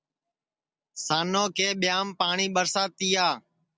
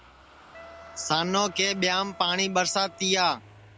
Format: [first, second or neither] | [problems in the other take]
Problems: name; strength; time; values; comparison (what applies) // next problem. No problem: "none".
first | background sound (Wind instrument, woodwind instrument + Engine starting / Motor vehicle (road)); 20 dB below the speech